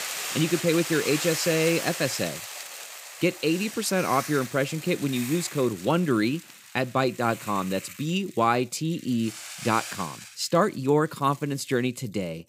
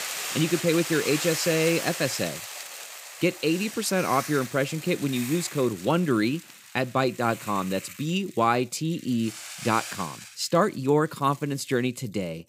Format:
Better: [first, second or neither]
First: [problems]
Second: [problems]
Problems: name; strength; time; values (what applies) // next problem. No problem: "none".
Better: neither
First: hiss; loud; throughout; 8 dB below the speech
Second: hiss; loud; throughout; 8 dB below the speech